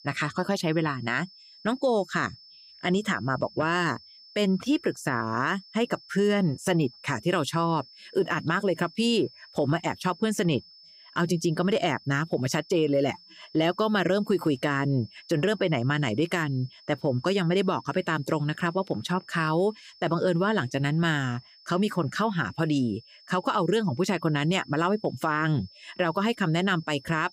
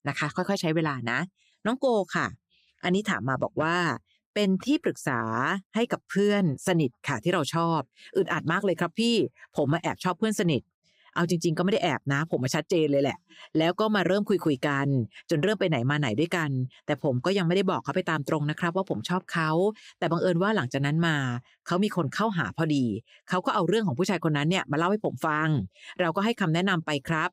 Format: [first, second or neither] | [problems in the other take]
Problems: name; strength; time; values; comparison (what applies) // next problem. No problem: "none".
second | high-pitched whine; faint; throughout; 5.5 kHz, 25 dB below the speech